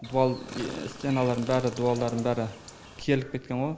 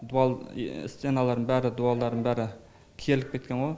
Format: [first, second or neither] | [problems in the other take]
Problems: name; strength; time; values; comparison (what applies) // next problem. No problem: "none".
second | background sound (Chirp, tweet); 15 dB below the speech